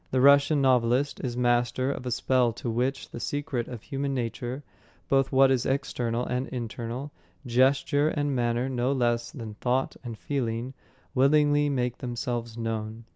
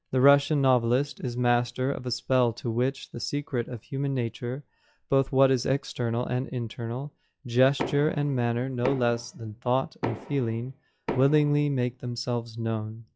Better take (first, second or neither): first